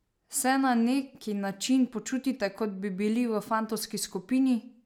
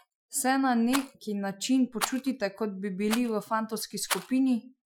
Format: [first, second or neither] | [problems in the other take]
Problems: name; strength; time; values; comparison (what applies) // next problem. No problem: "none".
first | noise reduction (classical method Wiener filter)